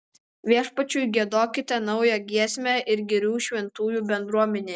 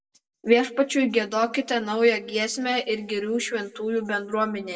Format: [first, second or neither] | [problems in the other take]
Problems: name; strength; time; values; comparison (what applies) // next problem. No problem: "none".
first | room echo; dies away in 1.8 s